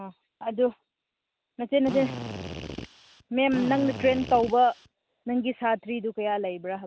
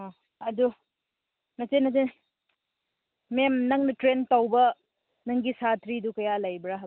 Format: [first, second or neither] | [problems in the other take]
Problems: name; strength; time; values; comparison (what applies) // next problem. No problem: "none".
second | background sound (Drill); 9 dB below the speech